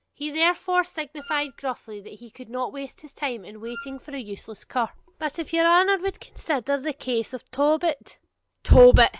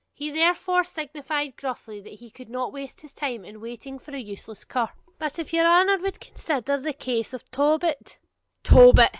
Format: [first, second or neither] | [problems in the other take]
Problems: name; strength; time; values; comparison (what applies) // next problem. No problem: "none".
second | background sound (Wind instrument, woodwind instrument); 18 dB below the speech